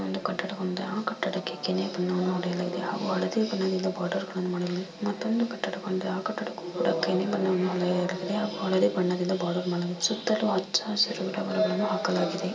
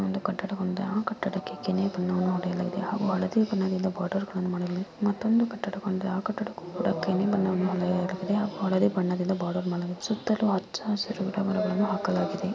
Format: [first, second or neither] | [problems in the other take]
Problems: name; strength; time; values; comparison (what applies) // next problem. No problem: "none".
second | room echo; dies away in 0.2 s